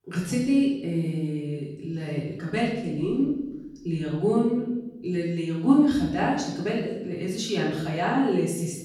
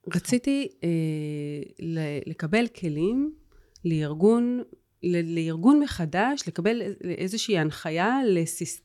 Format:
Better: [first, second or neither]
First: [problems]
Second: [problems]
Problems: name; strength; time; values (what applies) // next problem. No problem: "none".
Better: second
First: off-mic speech; far // room echo; noticeable; dies away in 0.8 s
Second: none